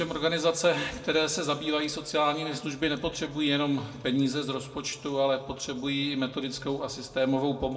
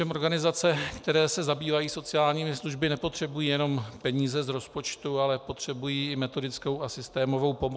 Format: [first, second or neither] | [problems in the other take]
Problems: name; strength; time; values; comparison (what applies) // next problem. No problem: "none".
second | room echo; dies away in 1 s